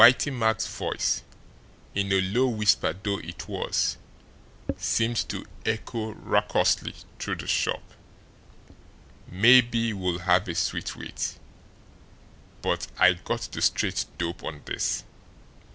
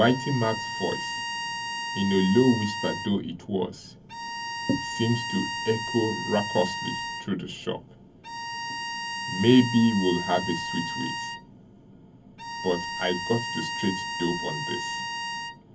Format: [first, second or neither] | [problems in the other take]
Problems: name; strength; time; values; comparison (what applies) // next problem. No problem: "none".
first | background sound (Bowed string instrument); 6 dB below the speech // room echo; dies away in 0.3 s